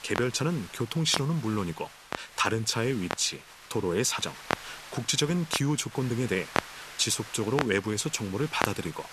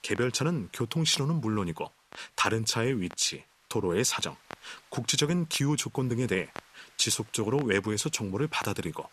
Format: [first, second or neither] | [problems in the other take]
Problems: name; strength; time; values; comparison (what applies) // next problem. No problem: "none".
second | household noises; loud; throughout; 9 dB below the speech; faint in the second